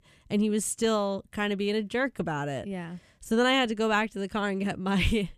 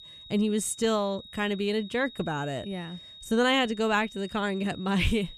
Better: first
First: none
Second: high-pitched whine; noticeable; throughout; 3.5 kHz, 15 dB below the speech

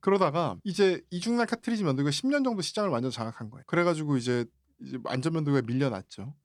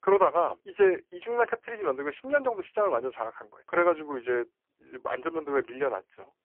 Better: first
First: none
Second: phone-call audio; poor line; nothing above 3 kHz

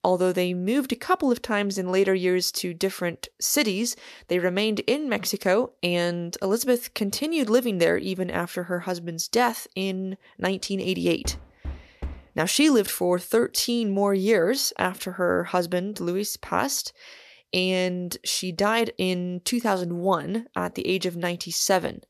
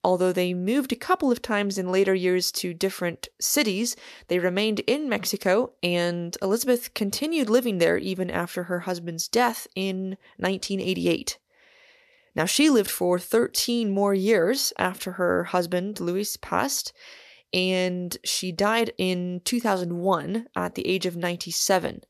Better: second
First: door banging; faint; at 11 s; peak 15 dB below the speech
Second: none

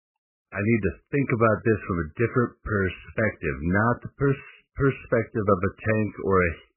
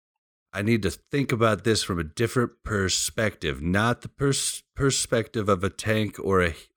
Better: second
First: garbled, watery; badly; nothing above 2.5 kHz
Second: none

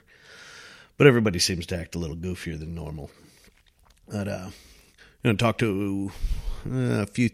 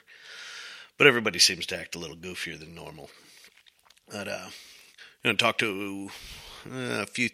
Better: first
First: none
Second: thin; somewhat; fading below 750 Hz

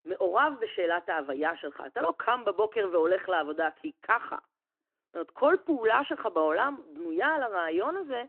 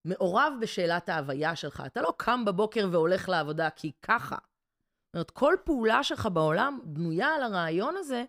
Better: second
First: phone-call audio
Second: none

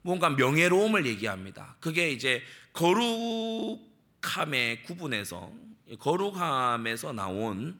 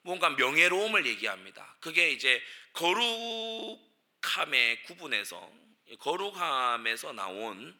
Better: first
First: none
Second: thin; somewhat; fading below 400 Hz

